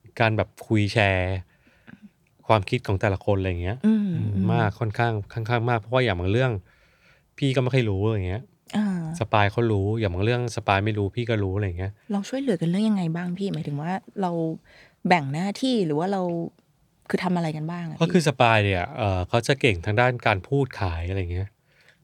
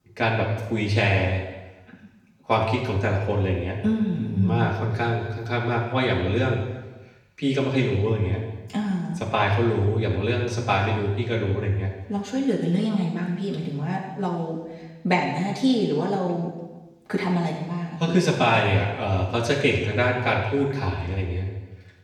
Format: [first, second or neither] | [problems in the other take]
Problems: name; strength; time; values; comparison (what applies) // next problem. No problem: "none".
first | room echo; noticeable; dies away in 1.1 s // off-mic speech; far